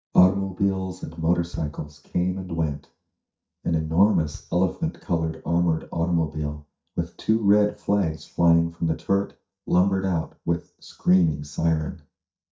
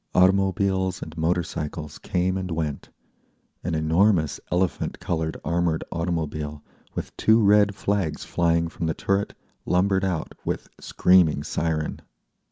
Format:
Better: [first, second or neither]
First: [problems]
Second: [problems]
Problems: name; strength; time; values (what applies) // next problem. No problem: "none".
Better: second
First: noise reduction (neural mask model DeepFilterNet 3)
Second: none